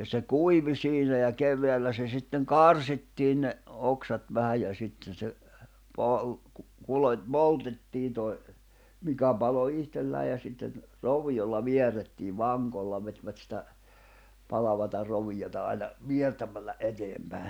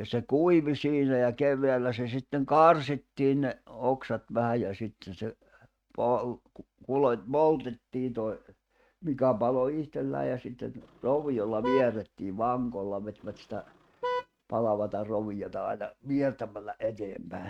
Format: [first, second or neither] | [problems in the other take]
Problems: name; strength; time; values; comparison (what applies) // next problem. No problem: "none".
first | noise reduction (neural mask model RNNoise)